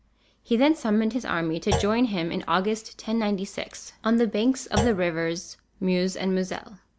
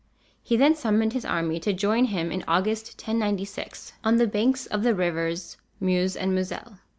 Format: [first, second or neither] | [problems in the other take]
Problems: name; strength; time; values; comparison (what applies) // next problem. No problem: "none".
second | background sound (Thump, thud); 9 dB below the speech